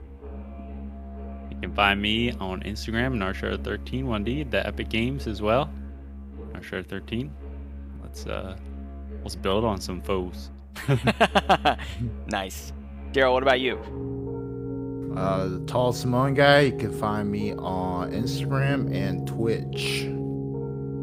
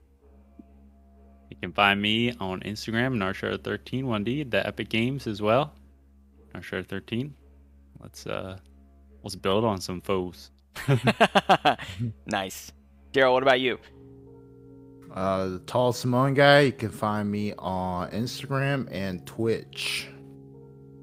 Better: second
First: background music; loud; throughout; 9 dB below the speech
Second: background music; faint; throughout; 25 dB below the speech

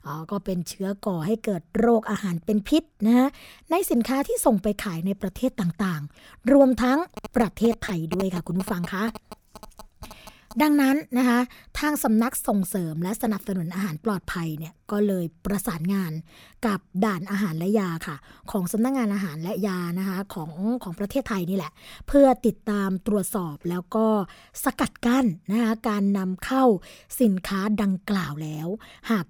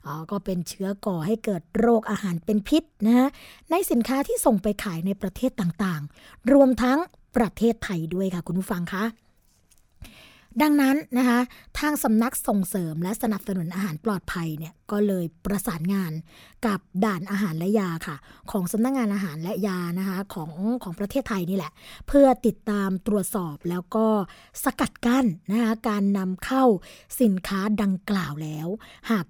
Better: second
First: phone ringing; faint; from 7 to 11 s; peak 10 dB below the speech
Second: none

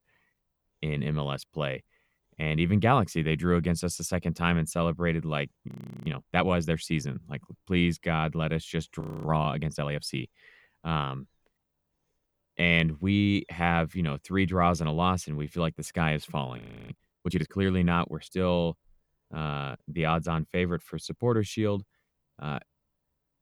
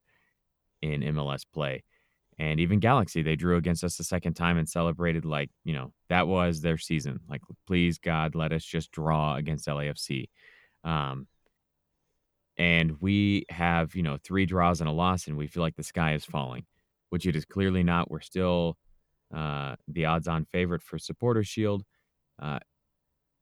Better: second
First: audio freezing; at 5.5 s, at 9 s and at 17 s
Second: none

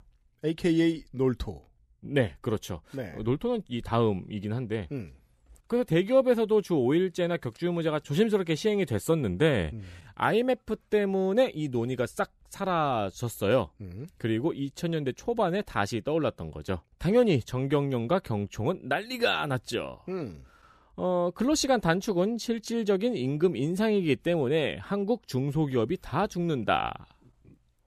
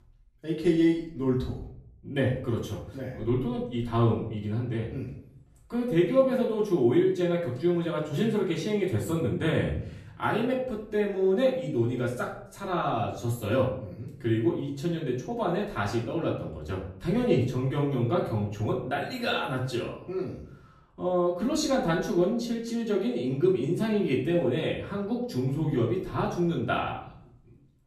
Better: first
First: none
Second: off-mic speech; far // room echo; noticeable; dies away in 0.6 s

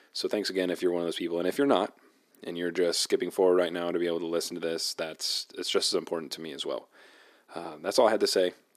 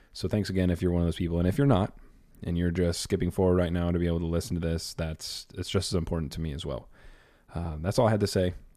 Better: second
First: thin; somewhat; fading below 300 Hz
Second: none

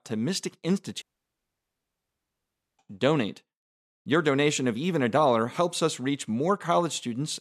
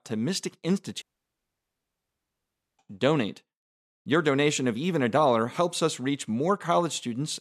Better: neither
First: audio cutting out; at 1 s for 2 s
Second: audio cutting out; at 1 s for 2 s

